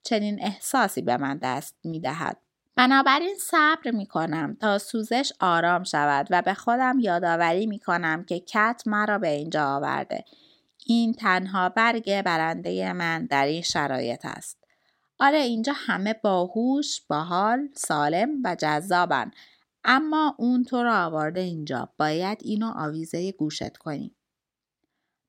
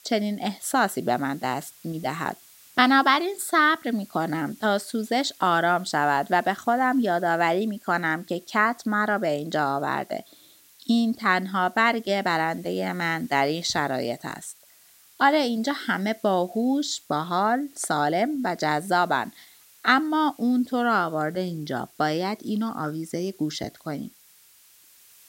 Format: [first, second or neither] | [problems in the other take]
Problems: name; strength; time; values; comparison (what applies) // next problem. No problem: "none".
first | hiss; faint; throughout; 25 dB below the speech